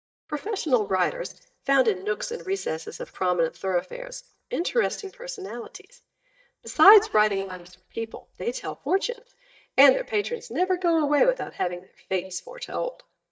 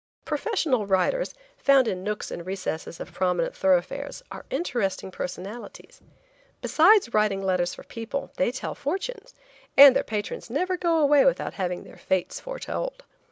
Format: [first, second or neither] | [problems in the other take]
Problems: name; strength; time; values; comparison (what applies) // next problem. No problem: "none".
second | noise reduction (neural mask model DeepFilterNet 3)